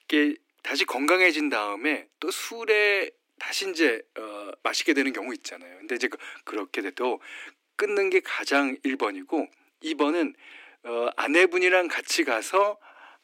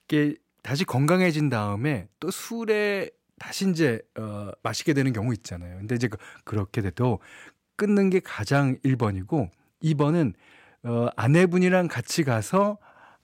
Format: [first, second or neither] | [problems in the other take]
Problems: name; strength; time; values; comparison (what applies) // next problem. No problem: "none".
second | thin; somewhat; fading below 300 Hz